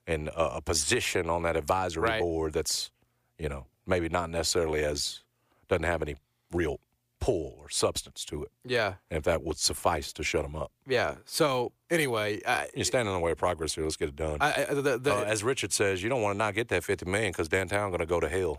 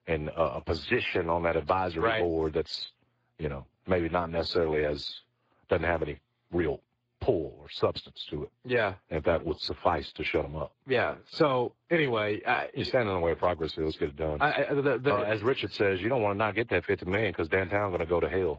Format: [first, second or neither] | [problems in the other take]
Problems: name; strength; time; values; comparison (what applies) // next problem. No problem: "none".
first | garbled, watery; badly; nothing above 7.5 kHz